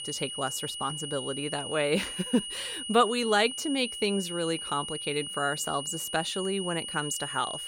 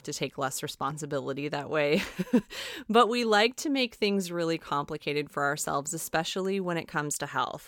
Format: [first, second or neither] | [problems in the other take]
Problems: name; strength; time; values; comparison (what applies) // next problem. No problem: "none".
second | high-pitched whine; loud; throughout; 3 kHz, 5 dB below the speech